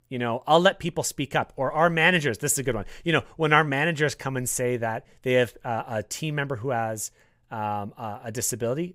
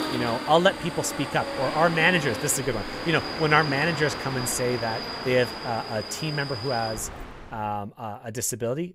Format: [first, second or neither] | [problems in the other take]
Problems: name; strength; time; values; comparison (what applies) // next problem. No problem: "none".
first | train or aircraft noise; loud; until 7 s; 7 dB below the speech